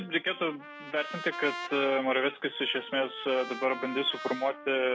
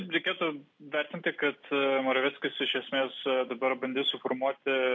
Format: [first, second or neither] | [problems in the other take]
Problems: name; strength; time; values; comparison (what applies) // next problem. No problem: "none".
second | background sound (Trumpet); 12 dB below the speech